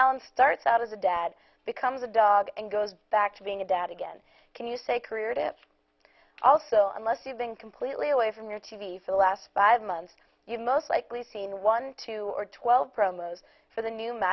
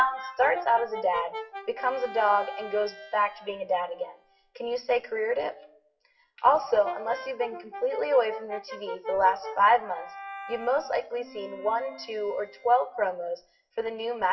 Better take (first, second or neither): first